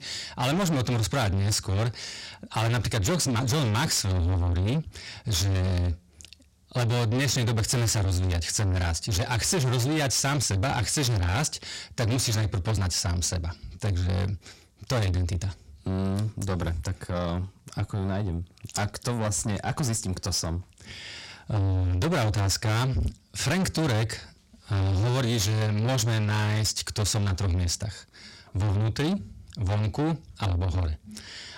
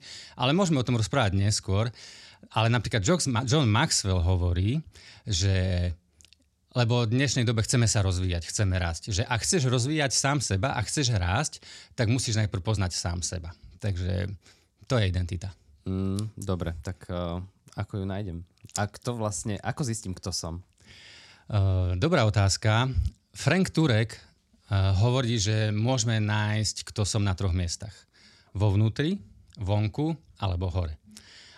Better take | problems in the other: second | distortion; heavy; 6 dB below the speech

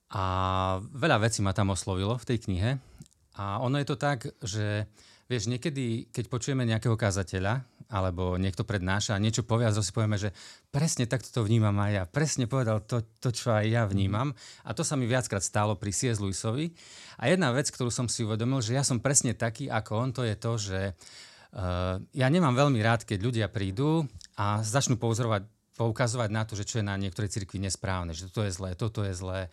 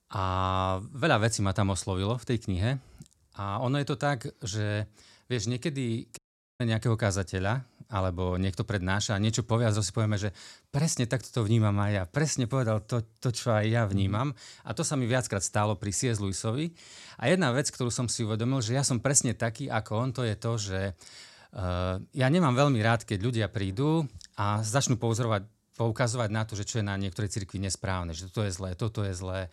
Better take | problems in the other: first | audio cutting out; at 6 s

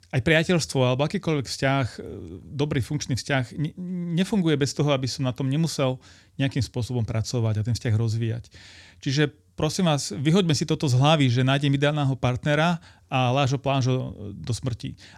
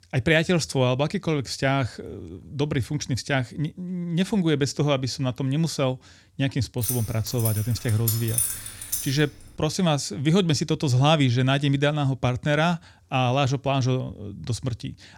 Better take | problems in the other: first | jangling keys; loud; from 7 to 9 s; peak 1 dB above the speech

